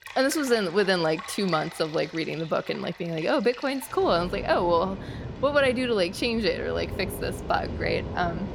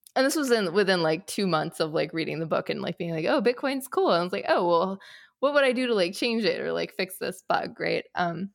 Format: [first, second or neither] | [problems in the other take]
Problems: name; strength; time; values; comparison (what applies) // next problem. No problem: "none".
second | rain or running water; noticeable; throughout; 10 dB below the speech